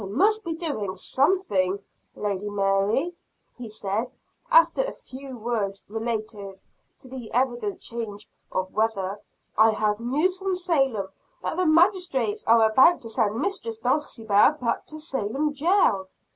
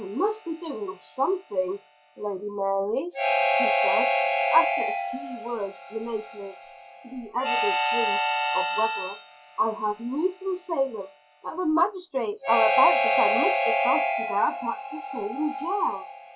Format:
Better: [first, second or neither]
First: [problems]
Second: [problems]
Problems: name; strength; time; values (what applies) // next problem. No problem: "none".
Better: first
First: none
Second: noise reduction (classical method log-MMSE)